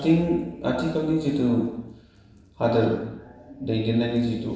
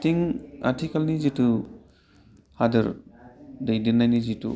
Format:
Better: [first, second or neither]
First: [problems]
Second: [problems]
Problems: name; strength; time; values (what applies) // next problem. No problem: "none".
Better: second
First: room echo; dies away in 0.8 s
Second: none